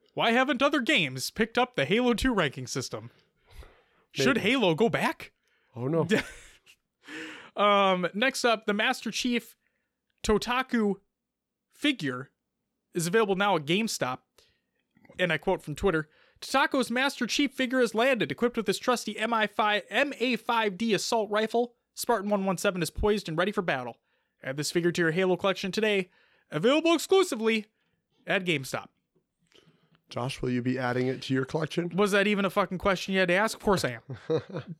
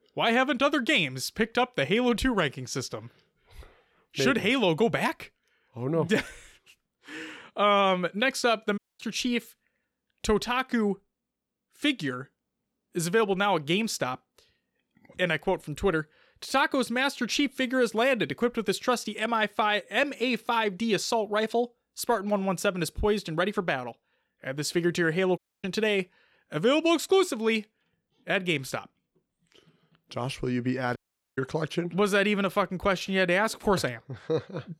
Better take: first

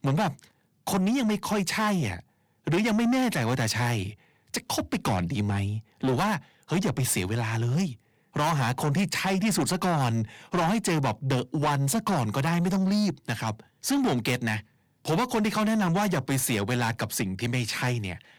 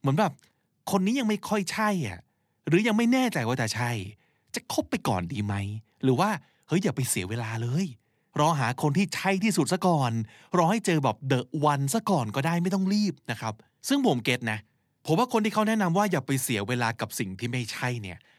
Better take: second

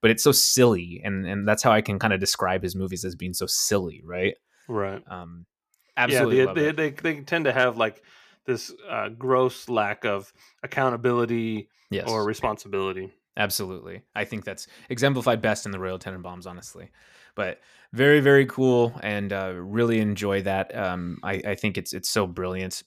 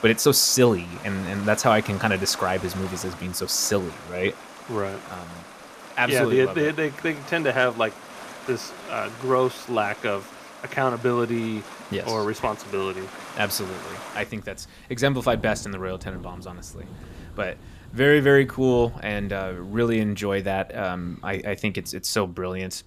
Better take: first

